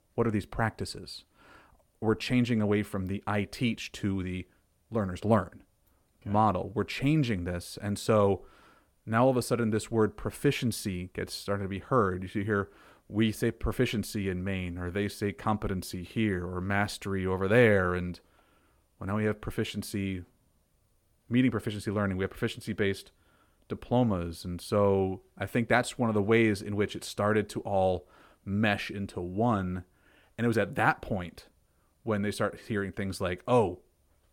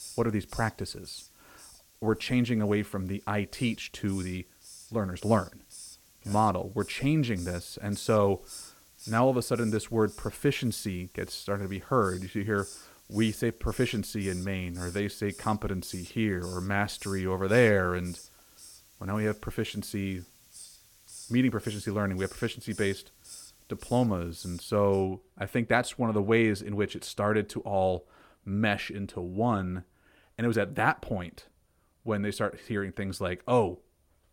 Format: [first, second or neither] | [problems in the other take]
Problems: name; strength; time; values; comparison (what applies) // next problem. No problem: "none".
first | hiss; noticeable; until 25 s; 20 dB below the speech